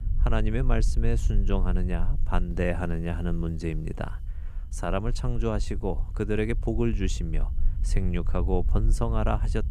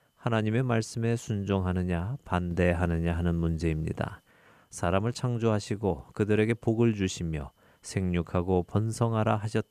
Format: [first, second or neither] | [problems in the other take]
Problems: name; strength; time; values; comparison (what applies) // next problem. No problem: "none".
second | low rumble; noticeable; throughout; 20 dB below the speech